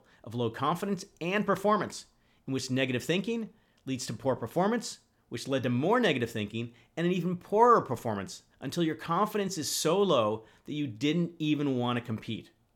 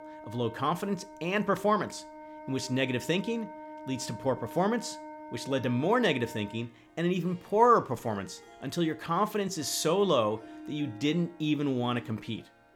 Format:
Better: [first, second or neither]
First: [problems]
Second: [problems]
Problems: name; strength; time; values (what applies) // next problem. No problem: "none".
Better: first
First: none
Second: background music; noticeable; throughout; 15 dB below the speech